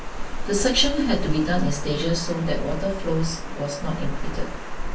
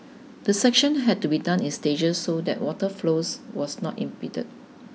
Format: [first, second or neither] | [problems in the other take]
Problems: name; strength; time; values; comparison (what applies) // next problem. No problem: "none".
second | background sound (Water); 1 dB below the speech // room echo; dies away in 0.3 s